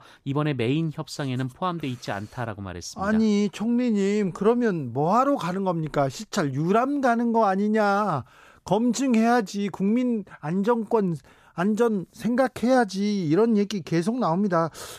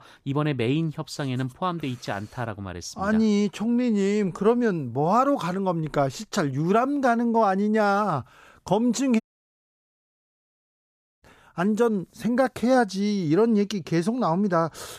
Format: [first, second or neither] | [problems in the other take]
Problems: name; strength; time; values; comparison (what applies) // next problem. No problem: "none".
first | audio cutting out; at 9 s for 2 s